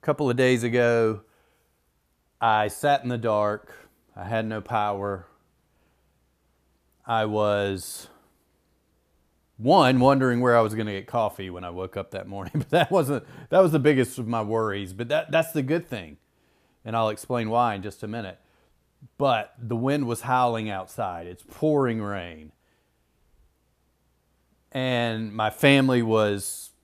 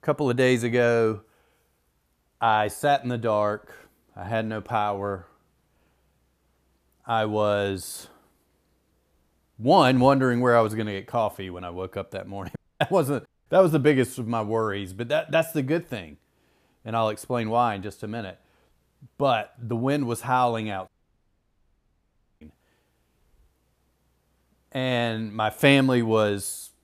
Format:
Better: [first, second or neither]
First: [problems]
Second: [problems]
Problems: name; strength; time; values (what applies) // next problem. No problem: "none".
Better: first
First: none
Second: audio cutting out; at 13 s and at 21 s for 1.5 s